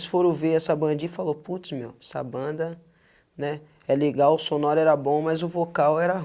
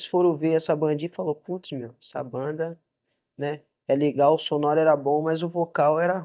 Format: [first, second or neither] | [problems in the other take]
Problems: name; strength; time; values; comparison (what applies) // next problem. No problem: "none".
first | noise reduction (neural mask model DeepFilterNet 3)